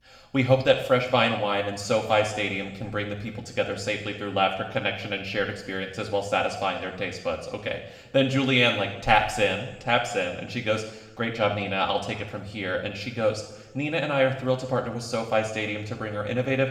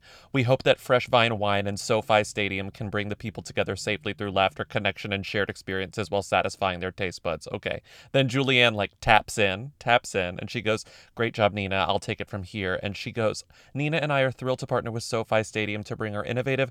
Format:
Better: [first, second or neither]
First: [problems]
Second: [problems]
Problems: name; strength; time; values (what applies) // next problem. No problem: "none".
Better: second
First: room echo; slight; dies away in 0.9 s // off-mic speech; somewhat distant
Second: none